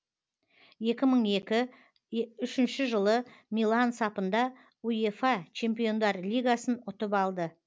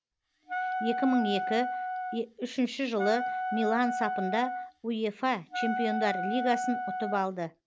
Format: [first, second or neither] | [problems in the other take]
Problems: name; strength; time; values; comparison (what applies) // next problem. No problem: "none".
first | background sound (Wind instrument, woodwind instrument); 3 dB below the speech